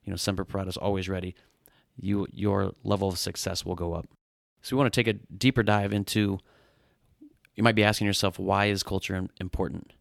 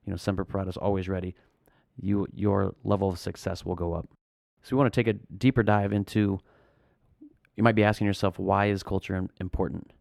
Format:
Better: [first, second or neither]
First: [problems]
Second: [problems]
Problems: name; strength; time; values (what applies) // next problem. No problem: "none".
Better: first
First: none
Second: muffled; slightly; fading above 2.5 kHz